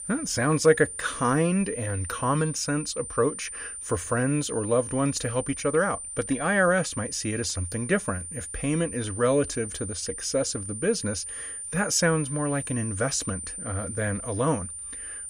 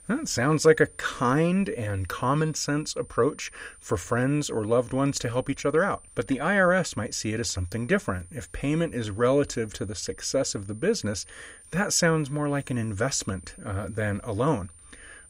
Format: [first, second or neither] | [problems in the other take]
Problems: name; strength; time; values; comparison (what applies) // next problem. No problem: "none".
second | high-pitched whine; loud; throughout; 9 kHz, 8 dB below the speech; faint in the second